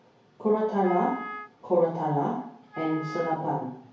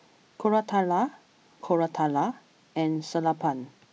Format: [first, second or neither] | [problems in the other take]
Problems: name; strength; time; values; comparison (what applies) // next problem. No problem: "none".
second | background sound (Wind instrument, woodwind instrument); 13 dB below the speech // room echo; dies away in 0.6 s